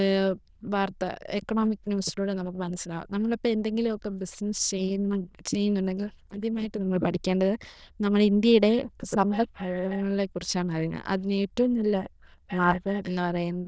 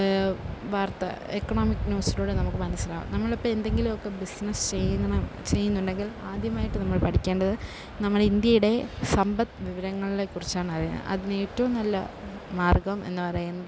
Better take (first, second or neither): second